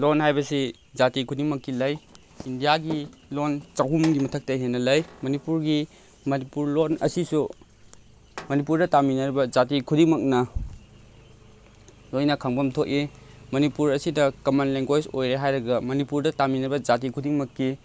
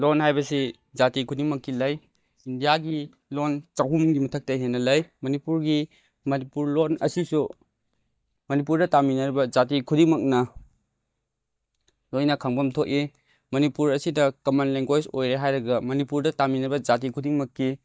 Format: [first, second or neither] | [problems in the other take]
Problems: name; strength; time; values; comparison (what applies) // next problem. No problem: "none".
first | noise reduction (neural mask model DeepFilterNet 3)